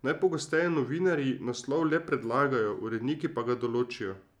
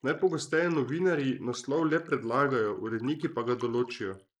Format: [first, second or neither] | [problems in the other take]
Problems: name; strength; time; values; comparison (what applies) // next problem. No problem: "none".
first | noise reduction (neural mask model Resemble Enhance denoiser)